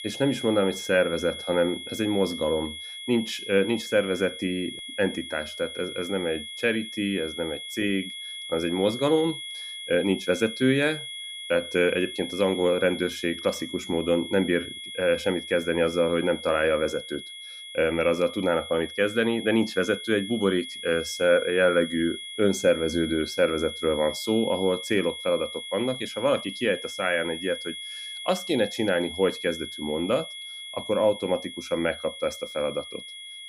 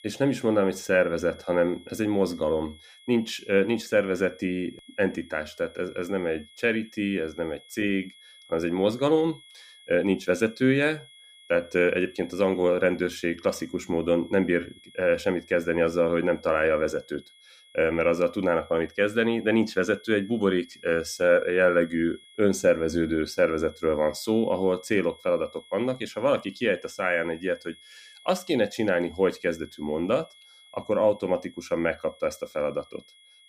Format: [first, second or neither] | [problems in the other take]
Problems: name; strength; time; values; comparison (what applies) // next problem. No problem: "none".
second | high-pitched whine; loud; throughout; 3.5 kHz, 9 dB below the speech; faint in the second